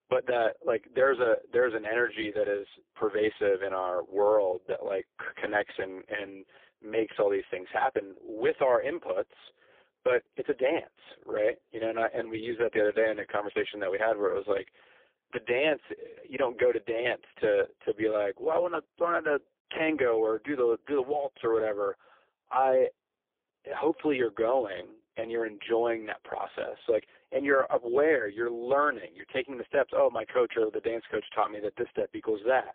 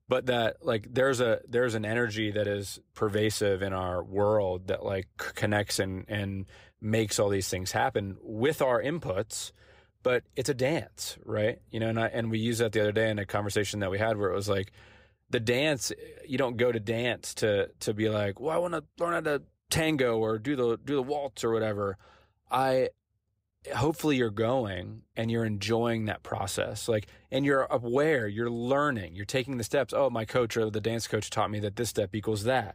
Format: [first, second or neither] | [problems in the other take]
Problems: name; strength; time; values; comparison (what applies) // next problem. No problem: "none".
second | phone-call audio; poor line